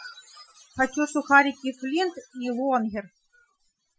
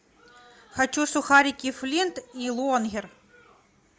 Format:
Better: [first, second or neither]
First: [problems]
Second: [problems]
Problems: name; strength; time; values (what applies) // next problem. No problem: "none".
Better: second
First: noise reduction (classical method Wiener filter)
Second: none